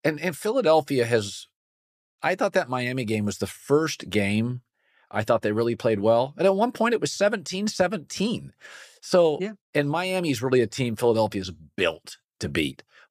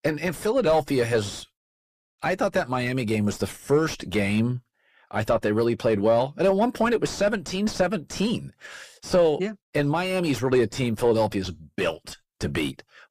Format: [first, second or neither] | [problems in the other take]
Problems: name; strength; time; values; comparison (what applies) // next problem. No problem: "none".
first | distortion; slight; 10 dB below the speech